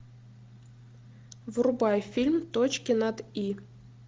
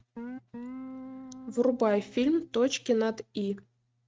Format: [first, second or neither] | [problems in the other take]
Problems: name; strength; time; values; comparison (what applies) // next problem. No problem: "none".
first | noise reduction (neural mask model RNNoise)